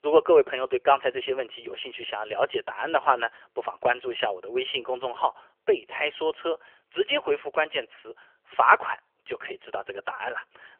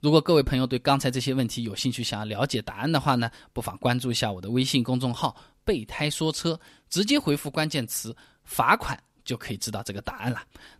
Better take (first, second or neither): second